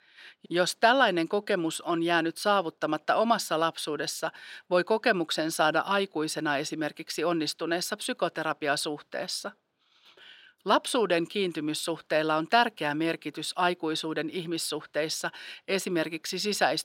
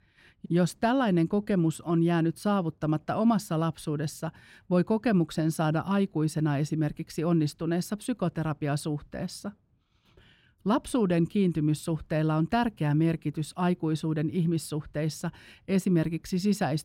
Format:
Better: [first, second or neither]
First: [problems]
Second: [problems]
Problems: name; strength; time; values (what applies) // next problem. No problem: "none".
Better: second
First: thin; very; fading below 500 Hz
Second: none